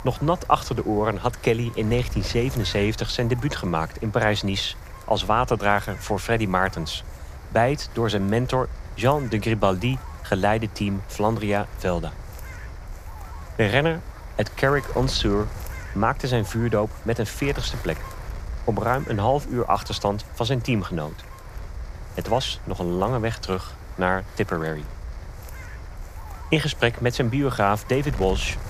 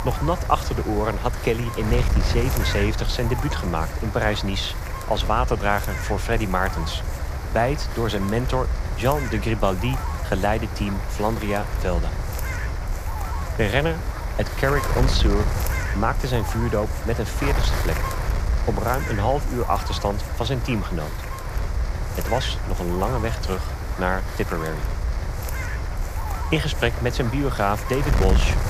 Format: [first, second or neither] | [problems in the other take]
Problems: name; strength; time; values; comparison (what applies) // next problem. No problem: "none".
first | wind noise on the microphone; heavy; 7 dB below the speech; occasional gusts in the first